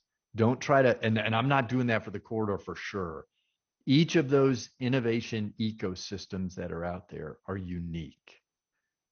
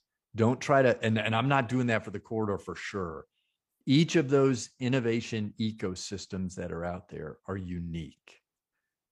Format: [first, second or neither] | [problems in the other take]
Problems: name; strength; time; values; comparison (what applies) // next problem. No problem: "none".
second | garbled, watery; slightly; nothing above 6.5 kHz